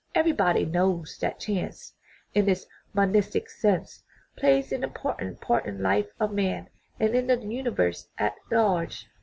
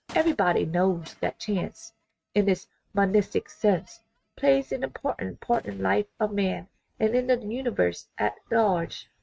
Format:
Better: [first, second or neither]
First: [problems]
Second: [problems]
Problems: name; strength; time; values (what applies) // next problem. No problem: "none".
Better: first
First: none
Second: noise reduction (neural mask model RNNoise)